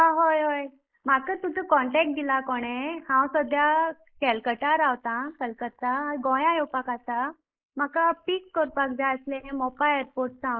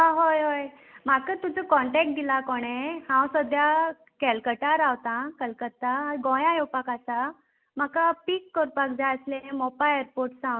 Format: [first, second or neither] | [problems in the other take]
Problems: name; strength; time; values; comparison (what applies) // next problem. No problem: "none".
second | noise reduction (neural mask model Resemble Enhance denoiser)